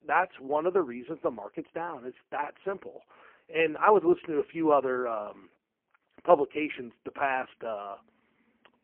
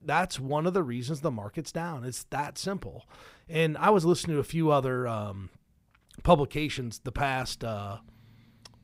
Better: second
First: phone-call audio; poor line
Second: none

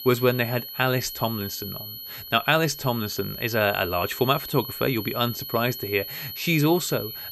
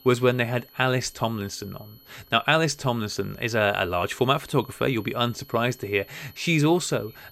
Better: second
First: high-pitched whine; loud; throughout; 4.5 kHz, 9 dB below the speech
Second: high-pitched whine; faint; throughout; 4.5 kHz, 25 dB below the speech

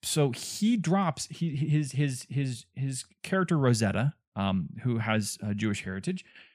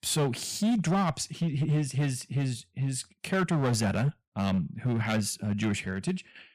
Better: first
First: none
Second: distortion; slight; 10% of the sound clipped

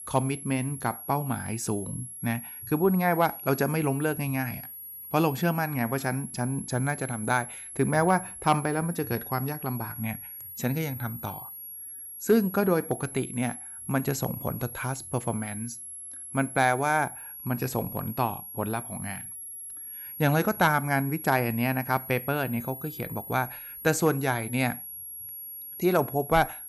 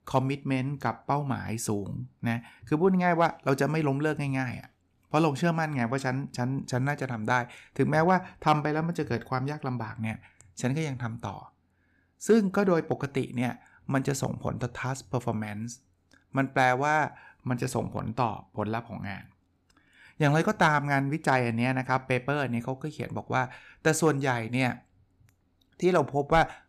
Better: second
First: high-pitched whine; loud; throughout; 11 kHz, 10 dB below the speech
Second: none

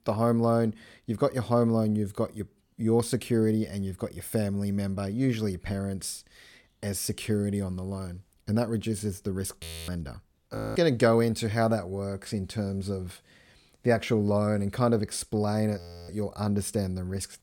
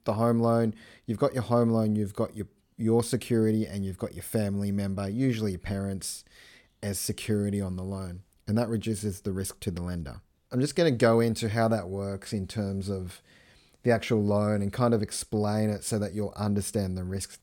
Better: second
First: audio freezing; at 9.5 s, at 11 s and at 16 s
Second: none

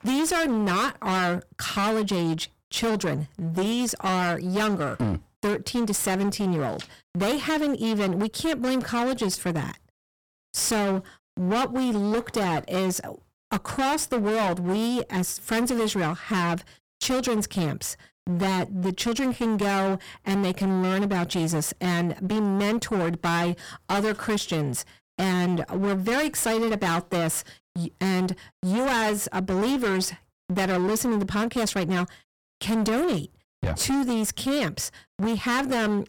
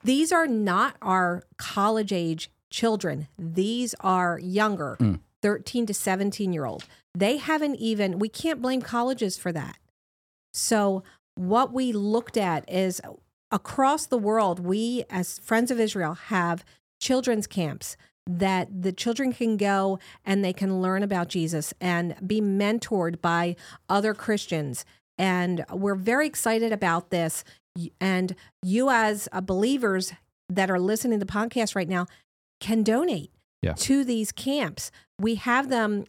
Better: second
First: distortion; heavy; 28% of the sound clipped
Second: none

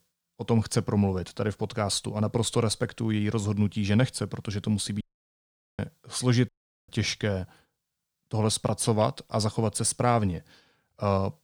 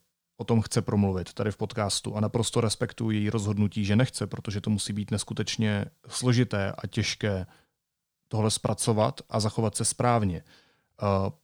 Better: second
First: audio cutting out; at 5 s for 1 s and at 6.5 s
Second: none

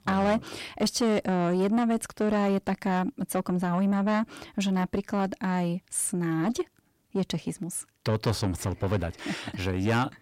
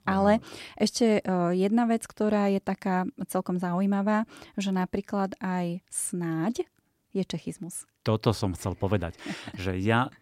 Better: second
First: distortion; slight; 10 dB below the speech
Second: none

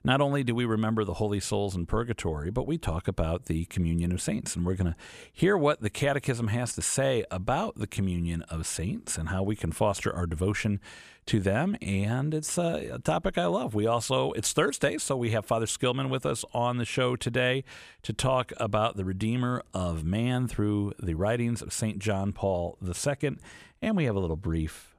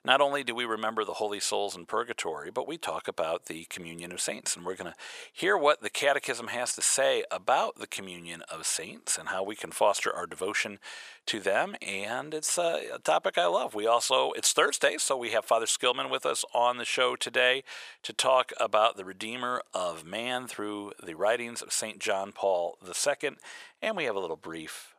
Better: first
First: none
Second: thin; very; fading below 650 Hz

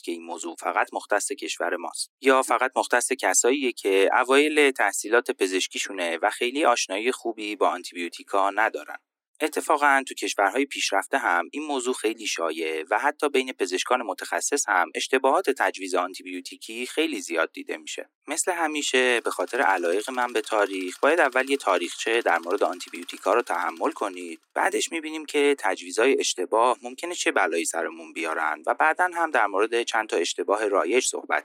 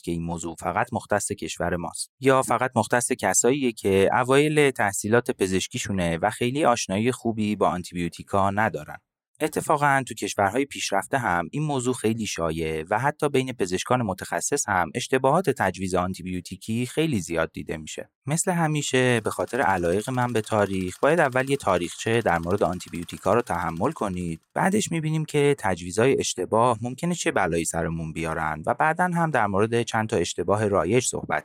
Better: second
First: thin; somewhat; fading below 250 Hz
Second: none

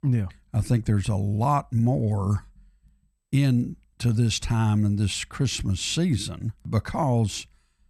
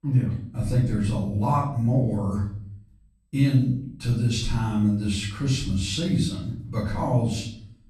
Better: first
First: none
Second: off-mic speech; far // room echo; noticeable; dies away in 0.5 s

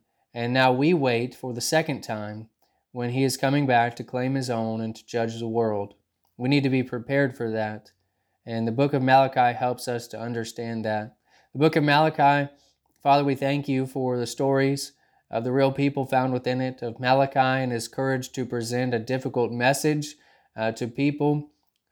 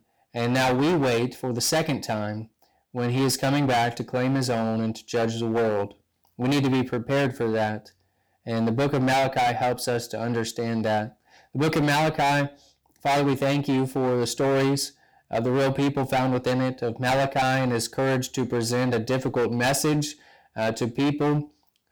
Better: first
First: none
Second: distortion; heavy; 18% of the sound clipped

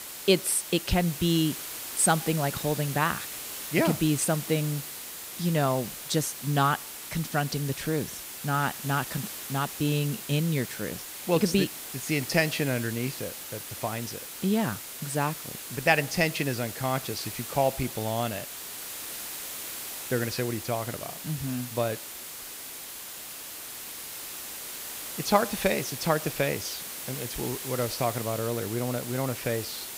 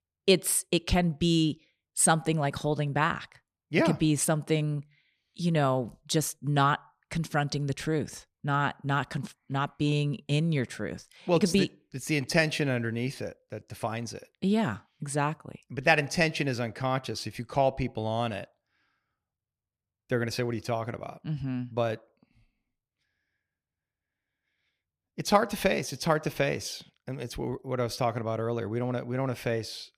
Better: second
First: hiss; loud; throughout; 8 dB below the speech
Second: none

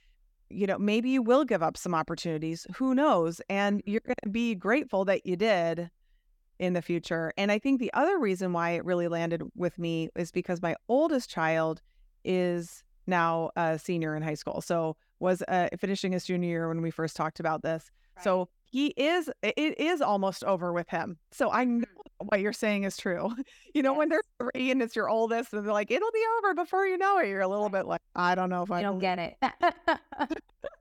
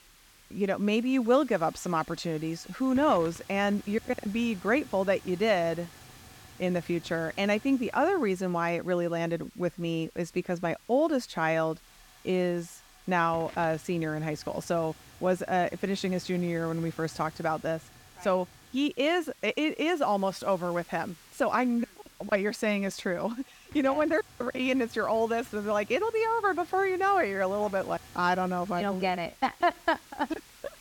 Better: first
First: none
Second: hiss; faint; throughout; 20 dB below the speech

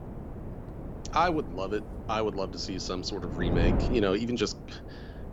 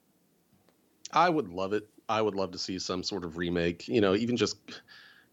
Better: second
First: wind noise on the microphone; occasional gusts; 10 dB below the speech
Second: none

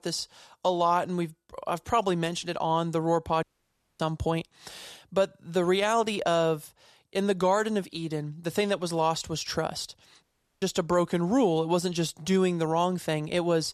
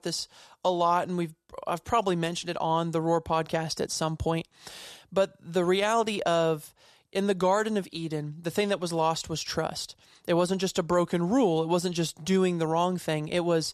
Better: second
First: audio cutting out; at 3.5 s for 0.5 s and at 10 s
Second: none

